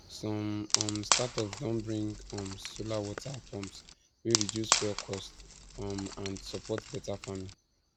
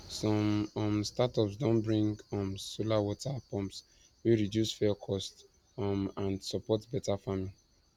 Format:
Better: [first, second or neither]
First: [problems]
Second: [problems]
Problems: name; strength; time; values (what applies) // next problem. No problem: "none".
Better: second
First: background sound (Wood); 1 dB above the speech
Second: none